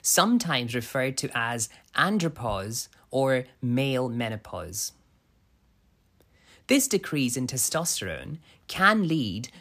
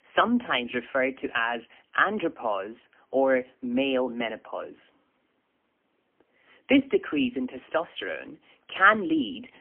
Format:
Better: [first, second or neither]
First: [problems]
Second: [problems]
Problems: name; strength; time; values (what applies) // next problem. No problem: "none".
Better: first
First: none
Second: phone-call audio; poor line; nothing above 3 kHz